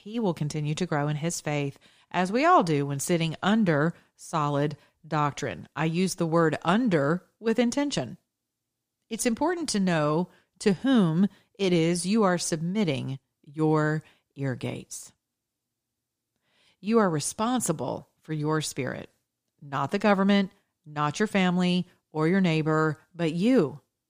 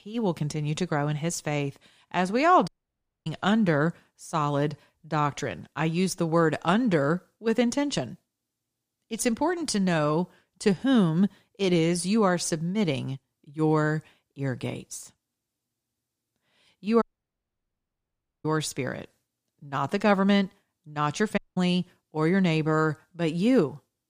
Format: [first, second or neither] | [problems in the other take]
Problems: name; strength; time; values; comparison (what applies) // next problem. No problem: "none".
first | audio cutting out; at 2.5 s for 0.5 s, at 17 s for 1.5 s and at 21 s